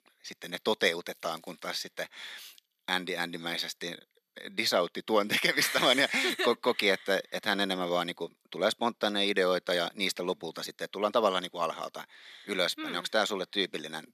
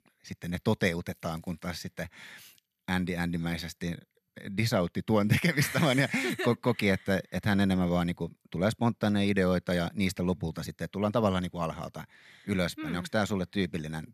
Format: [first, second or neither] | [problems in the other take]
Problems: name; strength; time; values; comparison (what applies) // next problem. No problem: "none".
second | thin; somewhat; fading below 350 Hz